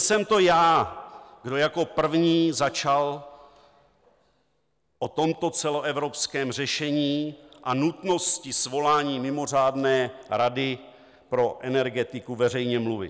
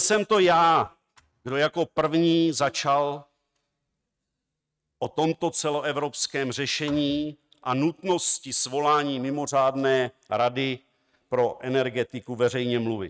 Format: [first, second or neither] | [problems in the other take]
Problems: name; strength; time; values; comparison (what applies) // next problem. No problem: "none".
first | noise reduction (neural mask model RNNoise)